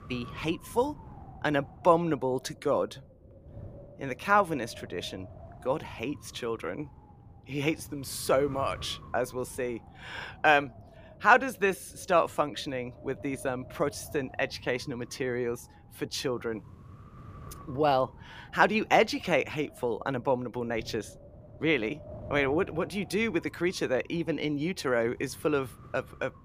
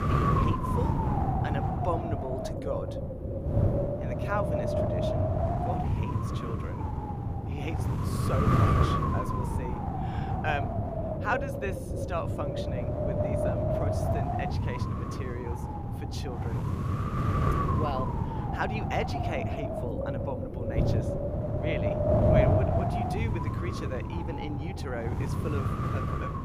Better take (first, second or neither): first